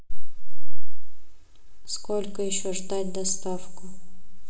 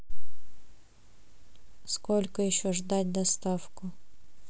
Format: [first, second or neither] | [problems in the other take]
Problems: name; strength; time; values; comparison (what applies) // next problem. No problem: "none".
second | room echo; dies away in 2.7 s